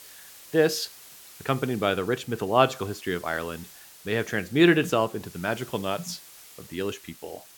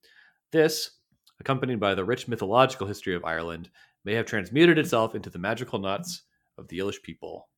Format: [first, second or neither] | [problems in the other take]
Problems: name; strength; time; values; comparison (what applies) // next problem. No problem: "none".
second | hiss; noticeable; throughout; 20 dB below the speech